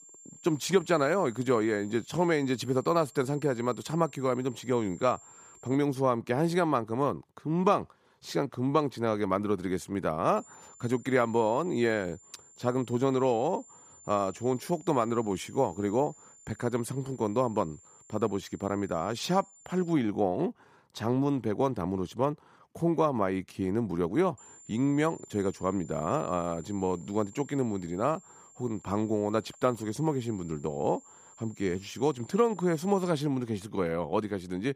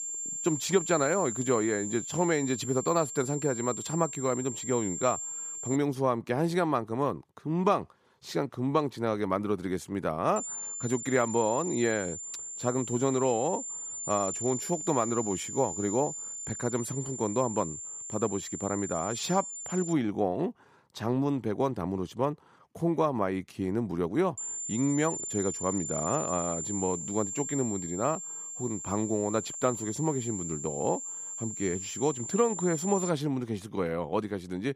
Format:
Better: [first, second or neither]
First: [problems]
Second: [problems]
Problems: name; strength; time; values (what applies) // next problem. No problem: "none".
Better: first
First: high-pitched whine; faint; until 6 s, from 10 to 20 s and from 24 to 33 s; 7 kHz, 25 dB below the speech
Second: high-pitched whine; loud; until 6 s, from 10 to 20 s and from 24 to 33 s; 7 kHz, 5 dB below the speech